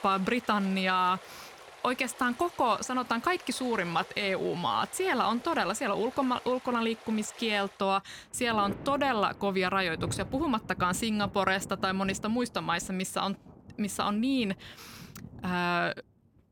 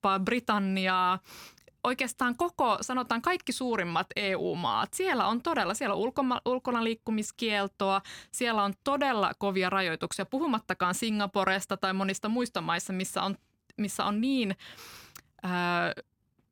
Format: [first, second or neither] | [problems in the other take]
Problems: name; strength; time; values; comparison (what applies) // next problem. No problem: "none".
second | rain or running water; noticeable; throughout; 15 dB below the speech